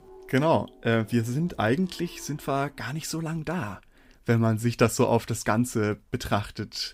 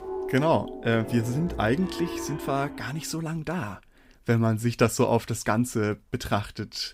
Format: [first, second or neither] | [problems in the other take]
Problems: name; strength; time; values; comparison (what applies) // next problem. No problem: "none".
first | background music; loud; until 2.5 s; 10 dB below the speech; faint in the first